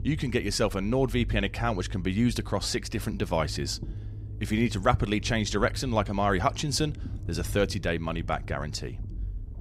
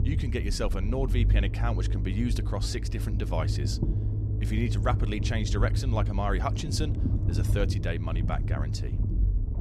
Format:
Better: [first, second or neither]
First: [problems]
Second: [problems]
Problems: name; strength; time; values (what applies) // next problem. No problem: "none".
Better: first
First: low rumble; faint; throughout; 25 dB below the speech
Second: low rumble; loud; throughout; 8 dB below the speech